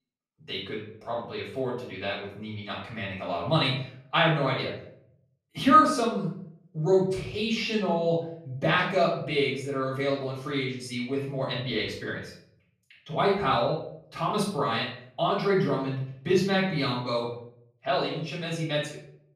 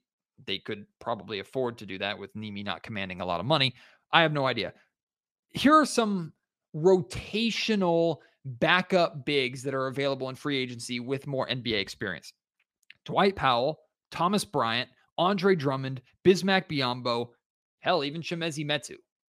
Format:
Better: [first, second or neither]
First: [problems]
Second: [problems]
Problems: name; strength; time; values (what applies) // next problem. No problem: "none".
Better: second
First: room echo; noticeable; dies away in 0.5 s // off-mic speech; far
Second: none